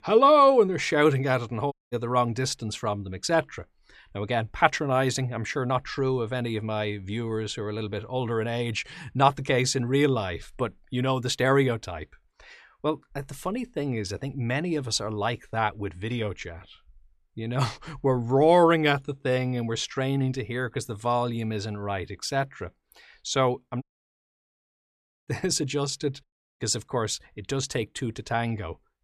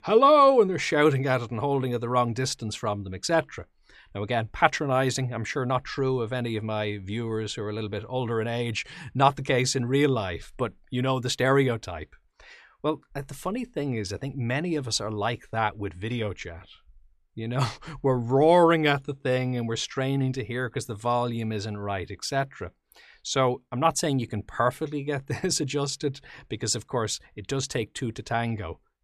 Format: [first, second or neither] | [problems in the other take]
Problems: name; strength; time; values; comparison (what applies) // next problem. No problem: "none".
second | audio cutting out; at 1.5 s, at 24 s for 1.5 s and at 26 s